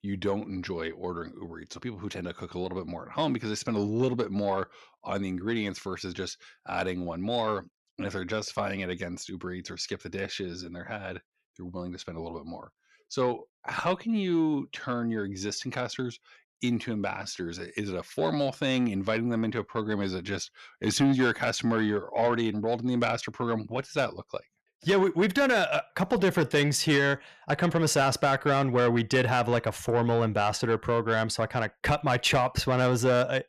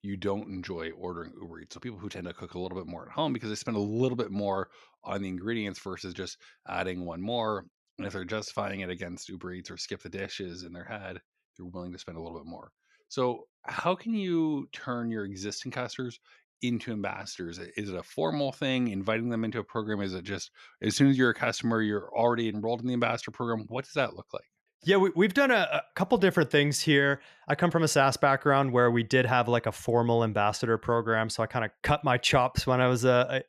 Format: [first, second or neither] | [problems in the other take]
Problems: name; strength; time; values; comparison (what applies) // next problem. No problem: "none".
second | distortion; slight; 10 dB below the speech